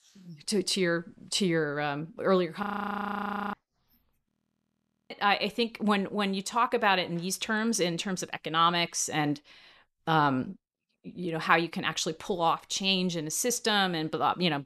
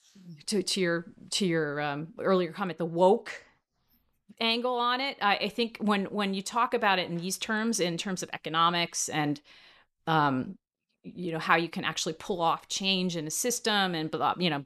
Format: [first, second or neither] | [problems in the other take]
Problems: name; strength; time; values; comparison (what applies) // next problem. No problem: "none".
second | audio freezing; at 2.5 s for 1 s and at 4.5 s for 1 s